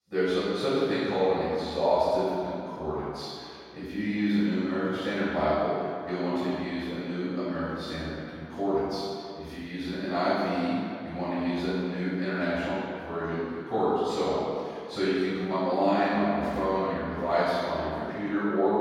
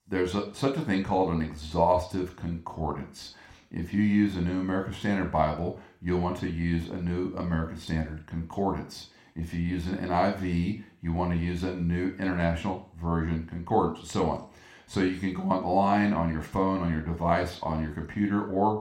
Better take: second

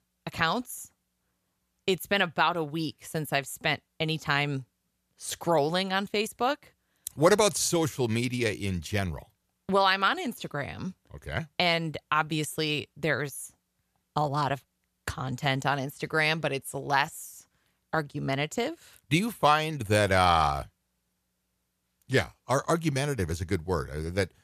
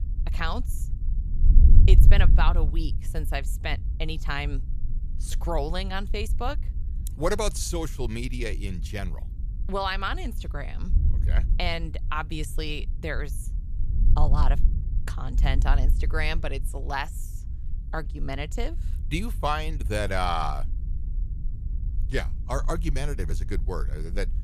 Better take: first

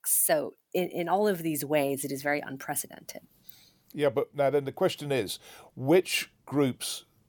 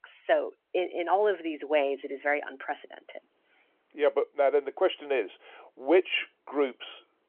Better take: first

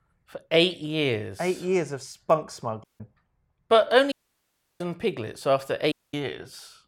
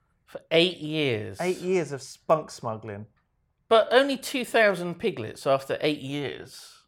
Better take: second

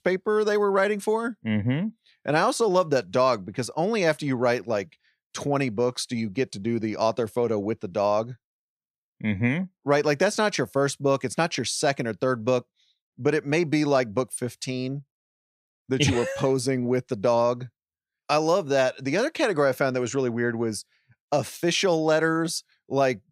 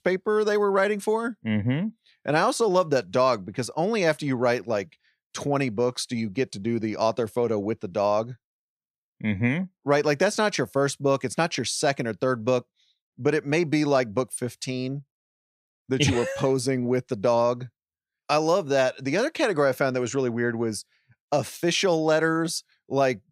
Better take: neither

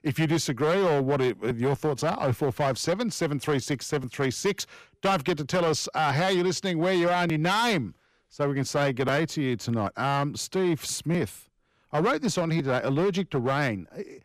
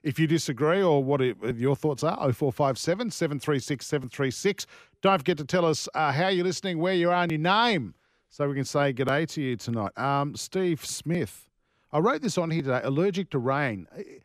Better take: second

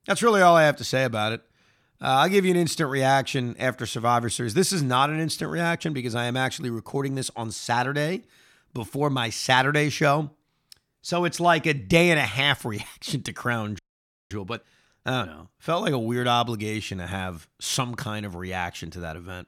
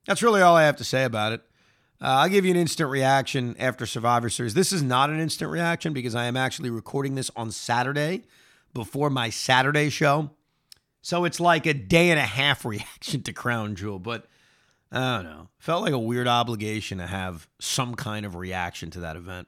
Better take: second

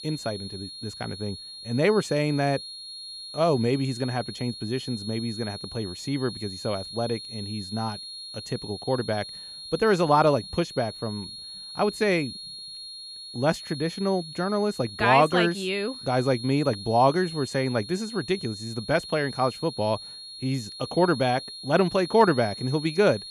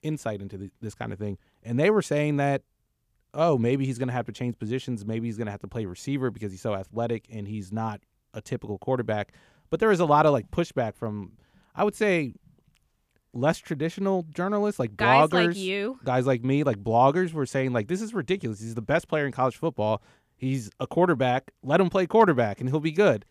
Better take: second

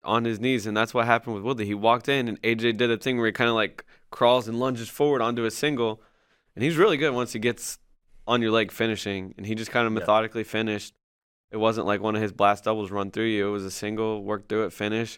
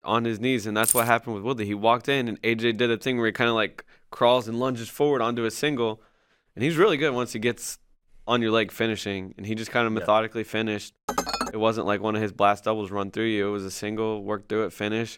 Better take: first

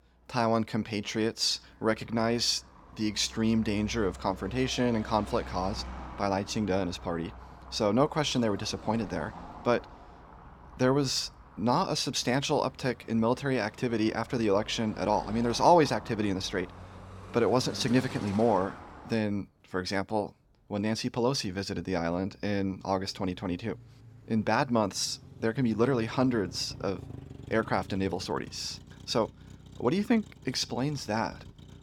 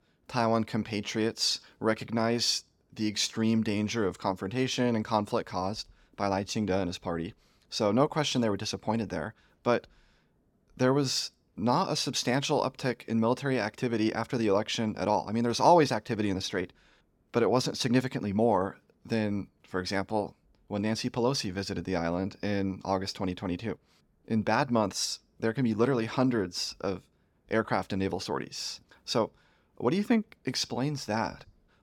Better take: second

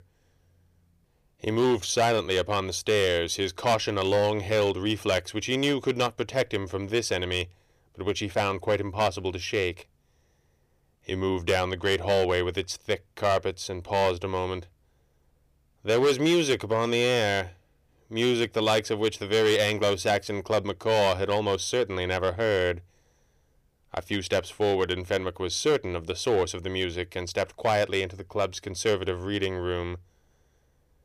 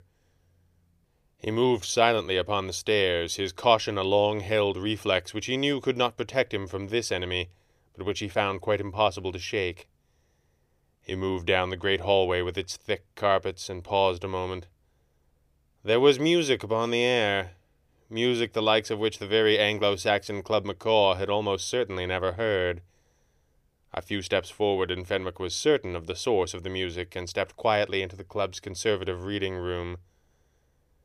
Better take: second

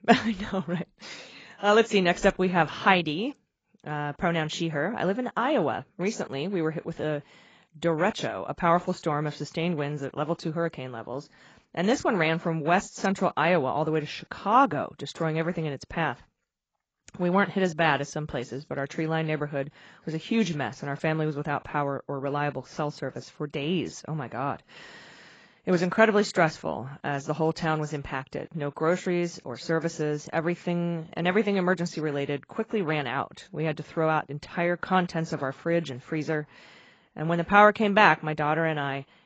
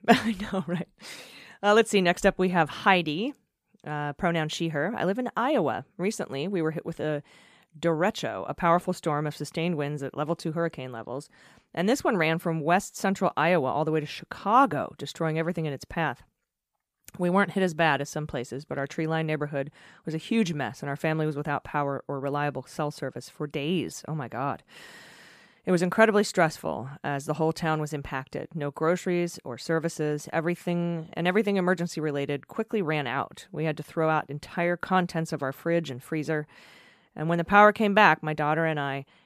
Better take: second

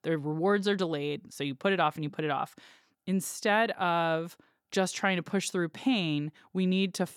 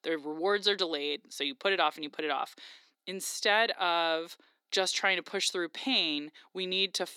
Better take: first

